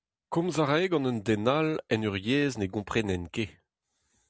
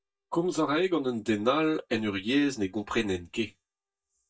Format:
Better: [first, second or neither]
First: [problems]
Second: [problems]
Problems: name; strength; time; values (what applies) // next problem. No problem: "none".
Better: first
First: none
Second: noise reduction (neural mask model DeepFilterNet 3)